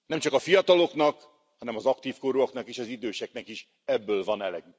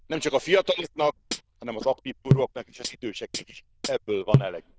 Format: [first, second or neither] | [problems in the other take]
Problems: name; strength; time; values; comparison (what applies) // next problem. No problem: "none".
first | noise reduction (neural diffusion model UNIVERSE++)